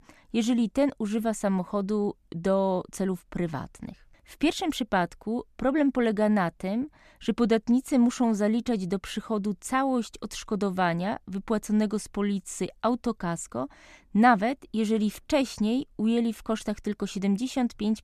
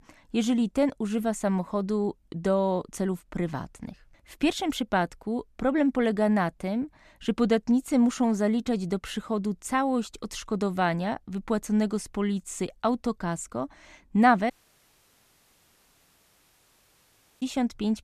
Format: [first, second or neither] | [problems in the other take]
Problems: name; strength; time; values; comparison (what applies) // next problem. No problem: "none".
first | audio cutting out; at 15 s for 3 s